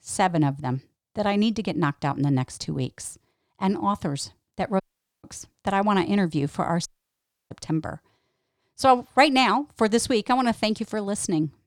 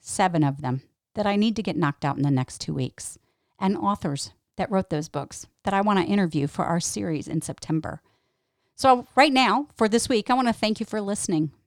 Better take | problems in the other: second | audio cutting out; at 5 s and at 7 s for 0.5 s

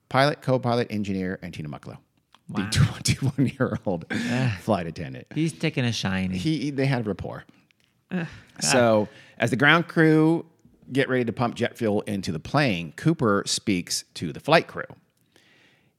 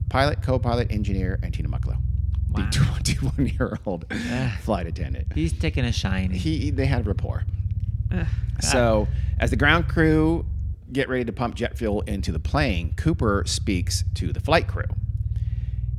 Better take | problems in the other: first | low rumble; noticeable; throughout; 20 dB below the speech

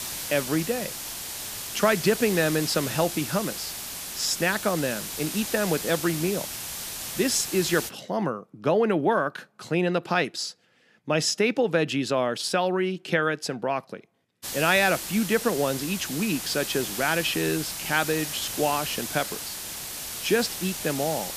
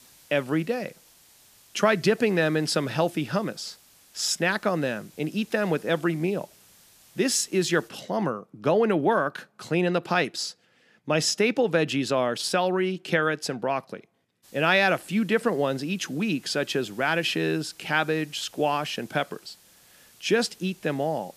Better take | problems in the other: second | hiss; loud; until 8 s and from 14 s on; 6 dB below the speech; faint in the second

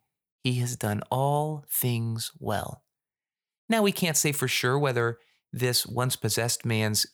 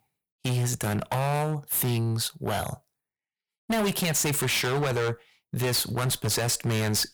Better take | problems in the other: first | distortion; heavy; 23% of the sound clipped

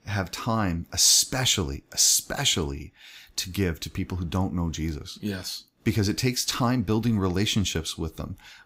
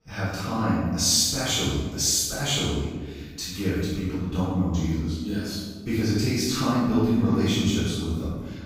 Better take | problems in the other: first | room echo; strong; dies away in 1.5 s // off-mic speech; far

